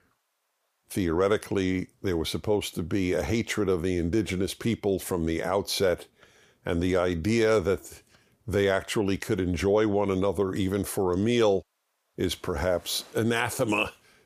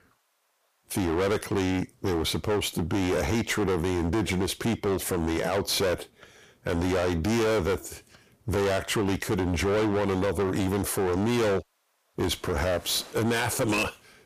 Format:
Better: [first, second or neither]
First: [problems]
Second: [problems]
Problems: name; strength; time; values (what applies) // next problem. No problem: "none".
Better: first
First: none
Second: distortion; heavy; 24% of the sound clipped